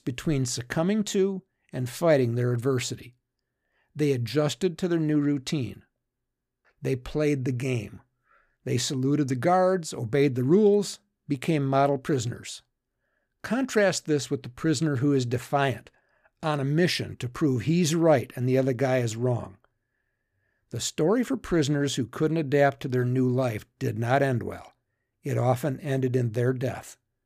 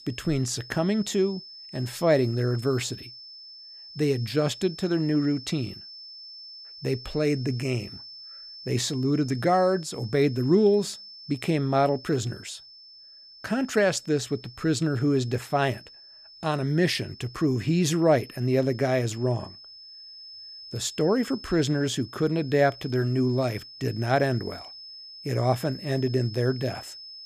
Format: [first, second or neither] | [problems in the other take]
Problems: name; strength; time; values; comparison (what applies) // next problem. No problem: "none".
first | high-pitched whine; noticeable; throughout; 5.5 kHz, 15 dB below the speech